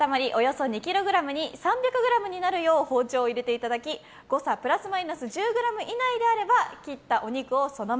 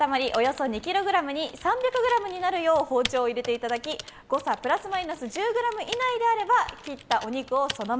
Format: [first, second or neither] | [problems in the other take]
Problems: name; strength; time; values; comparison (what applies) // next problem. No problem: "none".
first | background sound (Typing); 16 dB below the speech